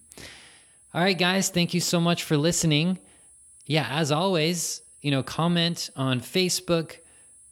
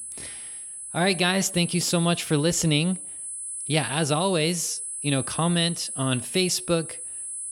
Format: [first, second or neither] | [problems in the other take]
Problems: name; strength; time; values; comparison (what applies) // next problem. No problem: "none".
first | high-pitched whine; loud; throughout; 10 kHz, 8 dB below the speech; faint in the first